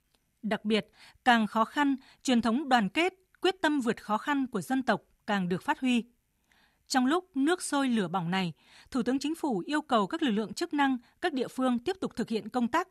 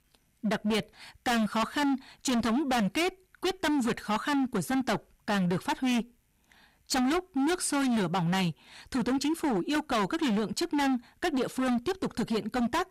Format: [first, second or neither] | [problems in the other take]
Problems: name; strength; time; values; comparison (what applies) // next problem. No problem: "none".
first | distortion; heavy; 25% of the sound clipped